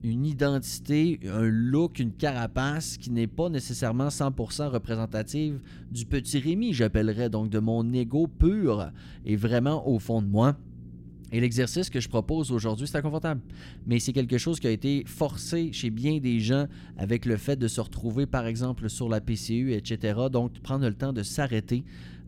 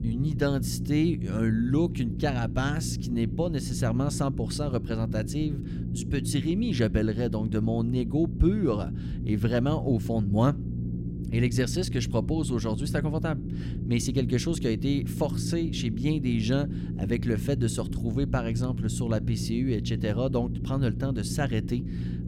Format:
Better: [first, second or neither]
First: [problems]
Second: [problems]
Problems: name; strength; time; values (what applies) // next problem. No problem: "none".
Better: first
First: low rumble; faint; throughout; 25 dB below the speech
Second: low rumble; loud; throughout; 10 dB below the speech